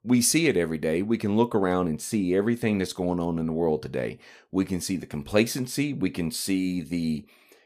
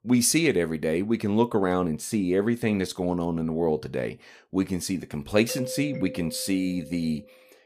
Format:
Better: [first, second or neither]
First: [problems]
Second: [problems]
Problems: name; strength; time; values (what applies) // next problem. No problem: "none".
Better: first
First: none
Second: doorbell; noticeable; from 5.5 to 7 s; peak 9 dB below the speech